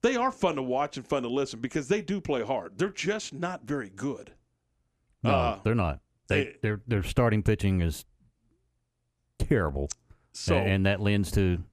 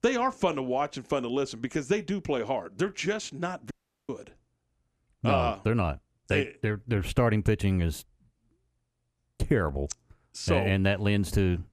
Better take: first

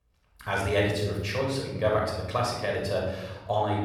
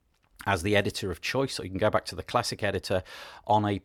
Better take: second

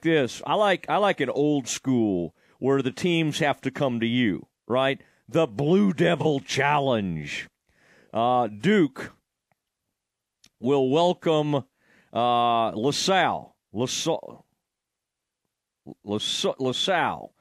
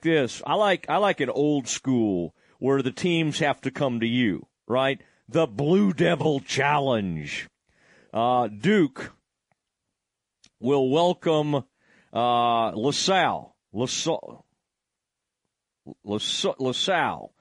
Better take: first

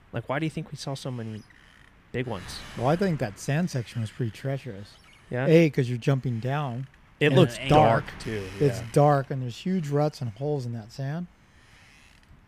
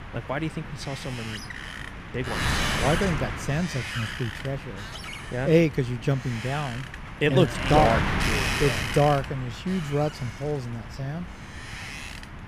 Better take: first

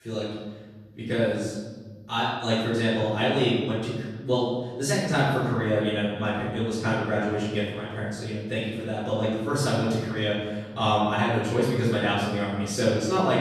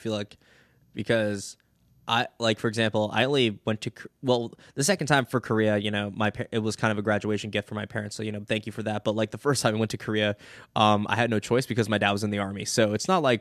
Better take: second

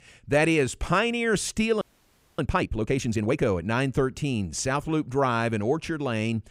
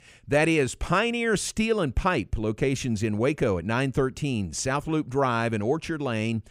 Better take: second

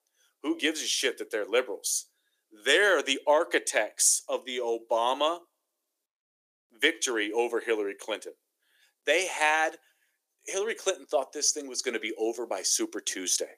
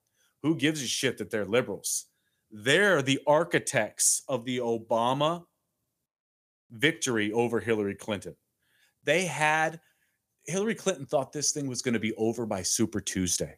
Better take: second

